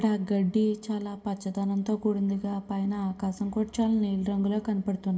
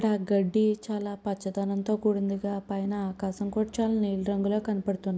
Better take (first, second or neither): second